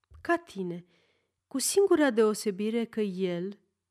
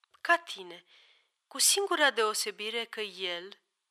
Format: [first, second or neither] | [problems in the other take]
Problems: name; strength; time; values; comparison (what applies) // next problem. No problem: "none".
first | thin; very; fading below 950 Hz